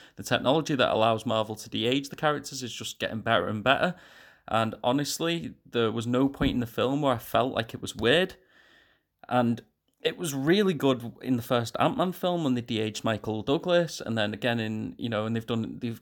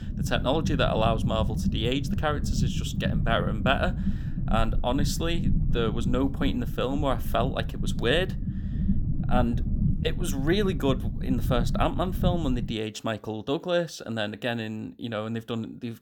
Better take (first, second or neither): first